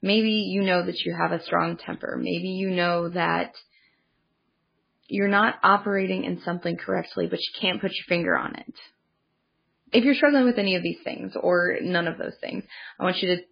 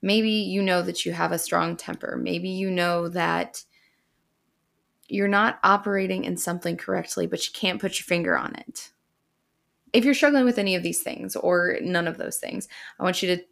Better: second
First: garbled, watery; badly; nothing above 4 kHz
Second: none

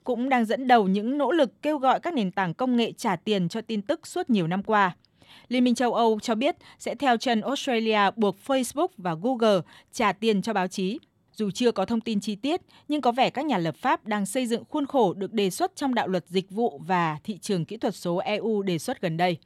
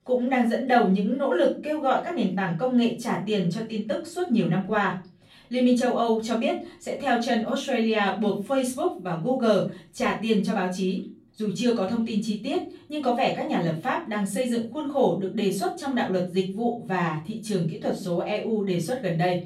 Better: first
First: none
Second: off-mic speech; far // room echo; slight; dies away in 0.3 s

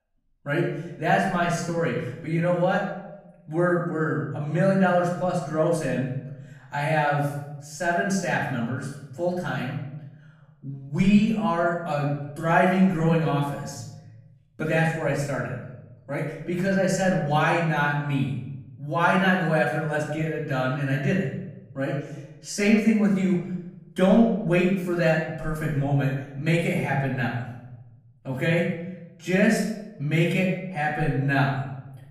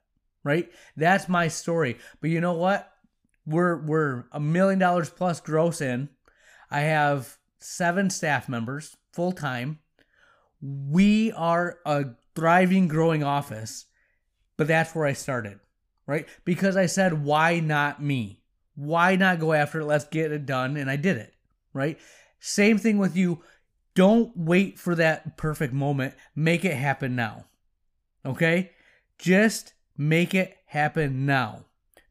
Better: second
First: off-mic speech; far // room echo; noticeable; dies away in 0.9 s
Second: none

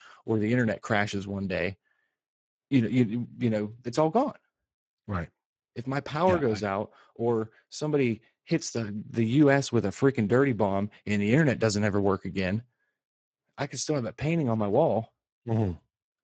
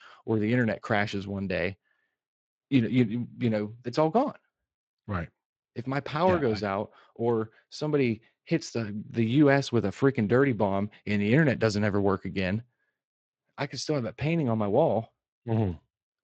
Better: second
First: garbled, watery; badly; nothing above 7.5 kHz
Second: garbled, watery; slightly; nothing above 7.5 kHz

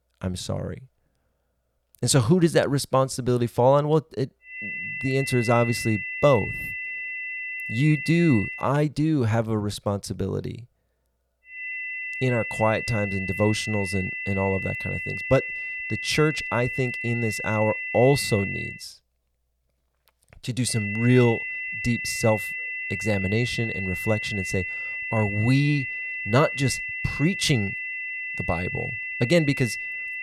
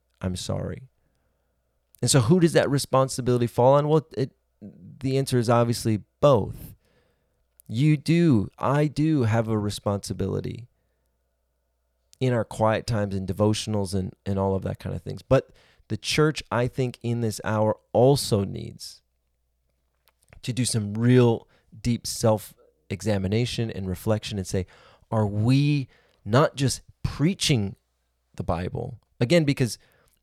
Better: second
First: high-pitched whine; loud; from 4.5 to 8.5 s, from 12 to 19 s and from 21 s on; 2 kHz, 5 dB below the speech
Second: none

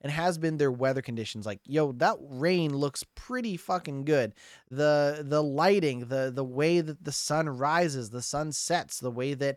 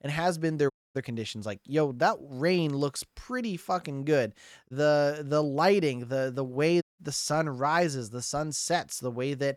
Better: first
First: none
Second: audio cutting out; at 0.5 s and at 7 s

